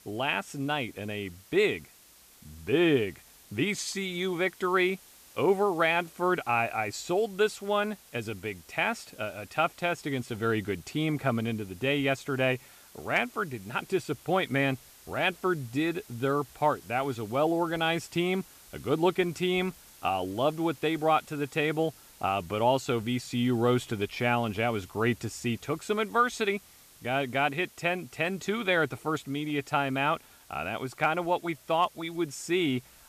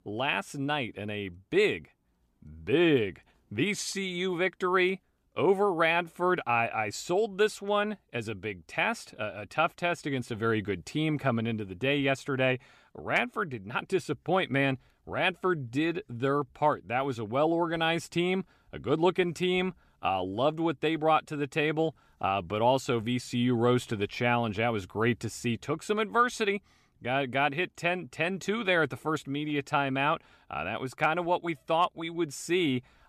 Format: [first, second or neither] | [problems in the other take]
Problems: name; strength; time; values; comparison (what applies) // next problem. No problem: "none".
second | hiss; faint; throughout; 25 dB below the speech